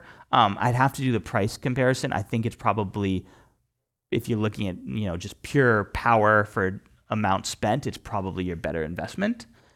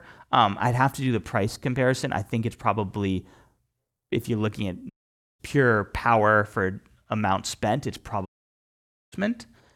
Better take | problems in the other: first | audio cutting out; at 5 s and at 8.5 s for 1 s

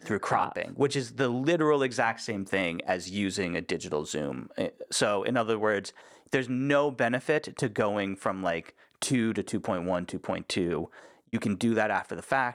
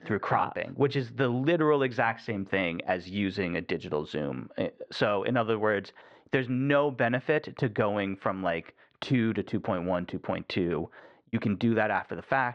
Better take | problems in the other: first | muffled; slightly; fading above 3.5 kHz

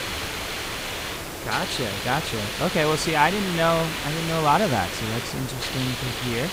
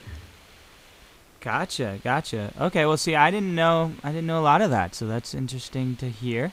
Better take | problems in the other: second | hiss; loud; throughout; 4 dB below the speech; faint in the second

